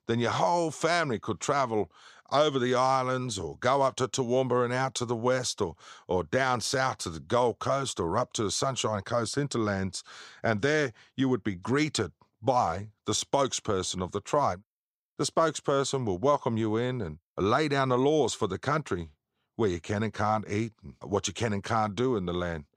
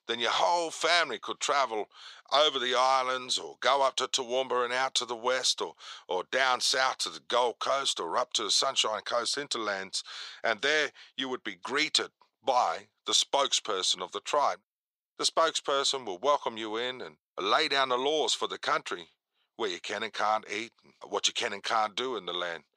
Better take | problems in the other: first | thin; very; fading below 550 Hz

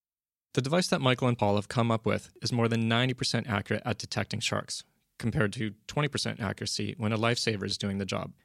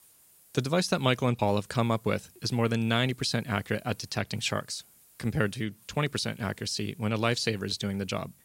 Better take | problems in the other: first | hiss; faint; throughout; 25 dB below the speech

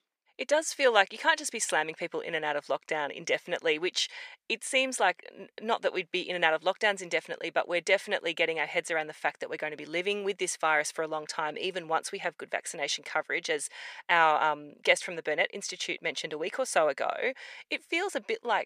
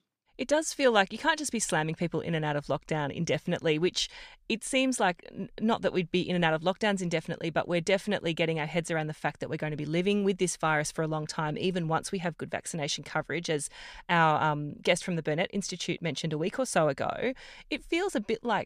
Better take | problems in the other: second | thin; very; fading below 500 Hz

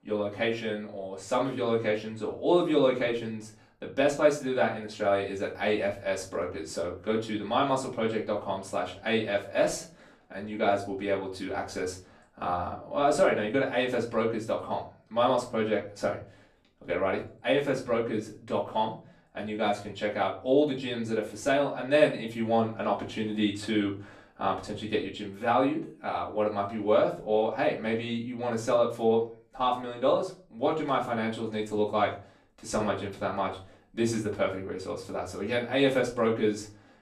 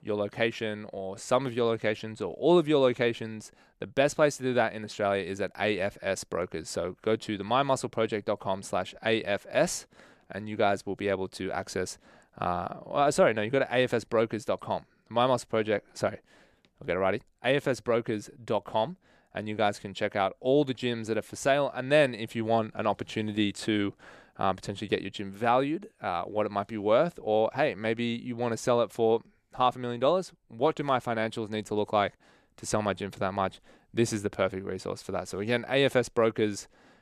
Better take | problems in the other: second | off-mic speech; far // room echo; slight; dies away in 0.3 s

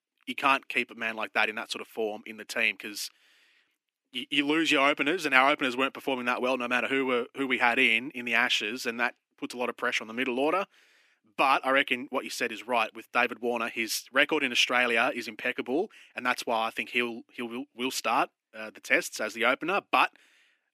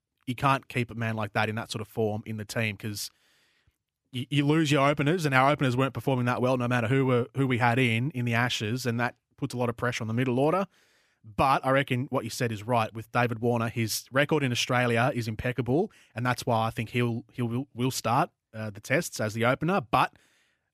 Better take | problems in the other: second | thin; somewhat; fading below 300 Hz

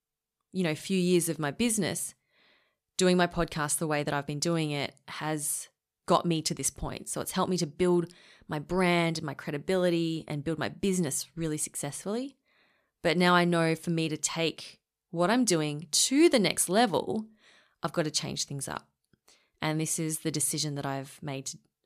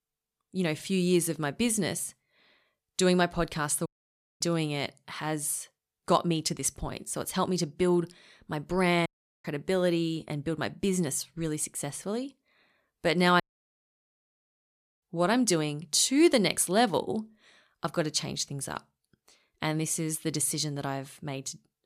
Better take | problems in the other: first | audio cutting out; at 4 s for 0.5 s, at 9 s and at 13 s for 1.5 s

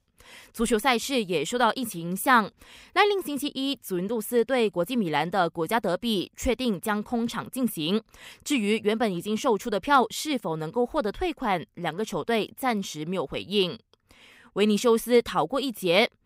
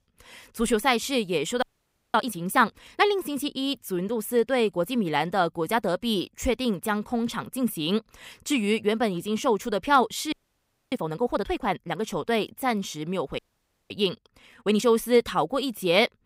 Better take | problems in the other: first | audio freezing; at 1.5 s for 0.5 s, at 10 s for 0.5 s and at 13 s for 0.5 s

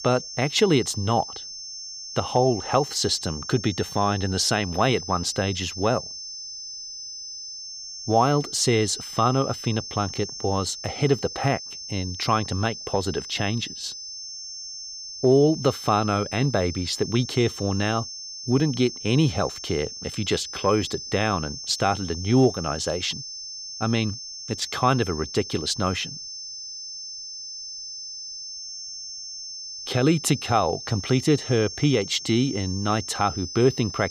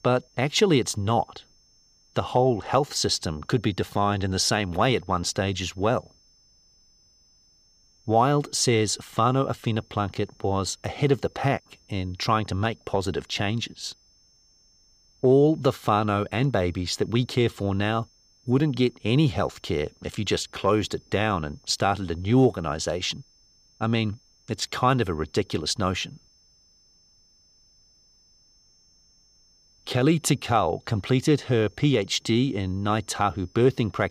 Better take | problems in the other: second | high-pitched whine; loud; throughout; 5.5 kHz, 10 dB below the speech; faint in the second

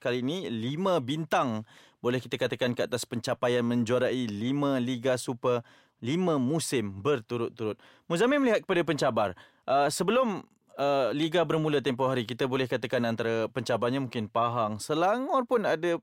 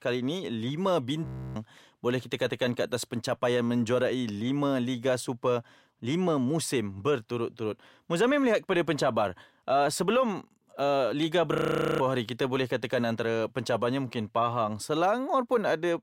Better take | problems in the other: first | audio freezing; at 1.5 s and at 12 s

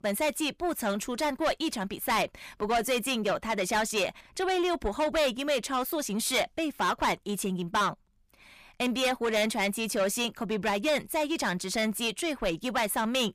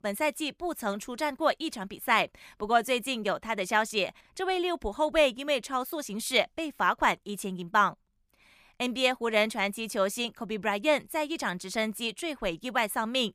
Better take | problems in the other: second | distortion; heavy; 6 dB below the speech

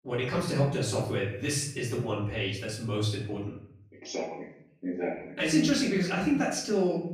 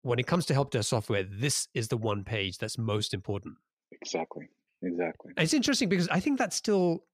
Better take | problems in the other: second | off-mic speech; far // room echo; noticeable; dies away in 0.6 s

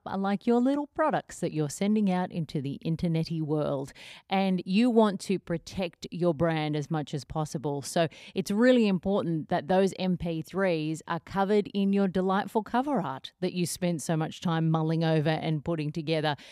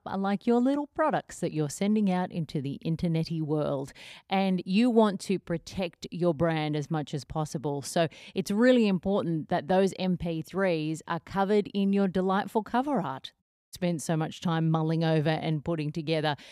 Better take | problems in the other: first | audio cutting out; at 13 s

